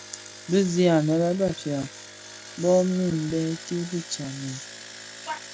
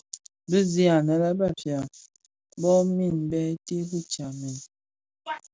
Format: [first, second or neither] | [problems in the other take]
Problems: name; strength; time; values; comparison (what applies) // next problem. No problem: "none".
second | background sound (Engine); 16 dB below the speech